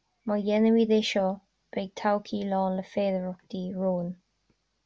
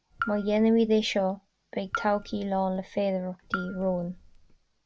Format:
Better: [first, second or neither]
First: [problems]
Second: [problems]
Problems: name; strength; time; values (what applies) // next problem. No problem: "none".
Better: first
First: none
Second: background sound (Raindrop / Drip); 12 dB below the speech